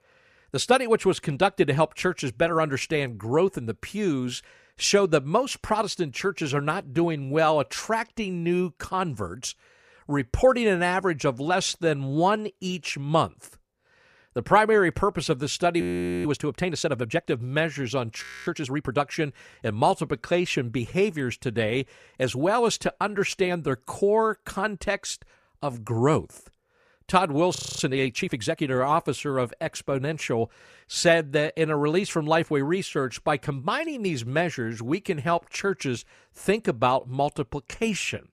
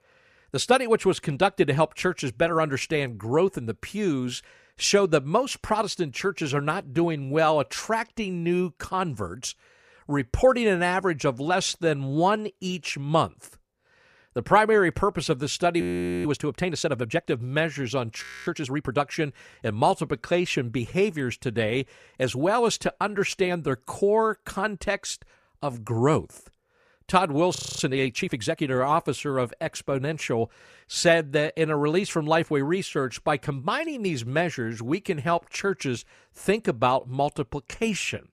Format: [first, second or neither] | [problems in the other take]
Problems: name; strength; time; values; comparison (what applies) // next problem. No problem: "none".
neither | audio freezing; at 16 s, at 18 s and at 28 s; the same in both